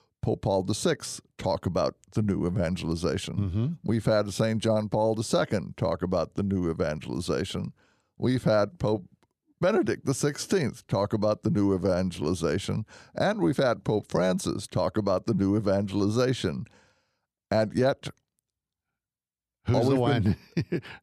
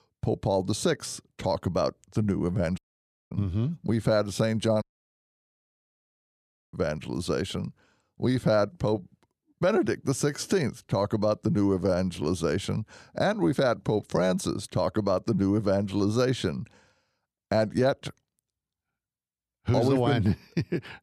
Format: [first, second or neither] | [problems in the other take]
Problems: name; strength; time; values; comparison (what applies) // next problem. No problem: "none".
first | audio cutting out; at 3 s for 0.5 s and at 5 s for 2 s